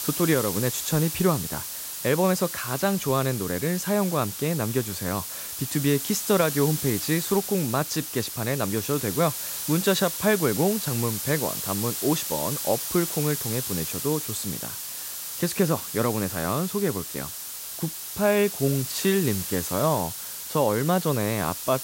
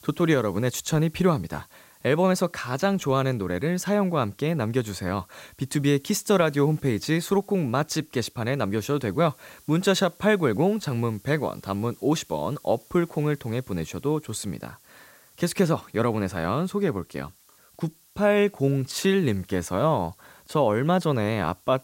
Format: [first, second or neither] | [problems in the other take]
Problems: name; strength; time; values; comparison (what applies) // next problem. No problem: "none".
second | hiss; loud; throughout; 4 dB below the speech; faint in the second